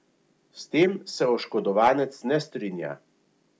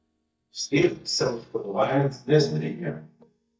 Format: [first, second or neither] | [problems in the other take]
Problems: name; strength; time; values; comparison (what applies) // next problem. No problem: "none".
first | noise reduction (neural mask model DeepFilterNet 3)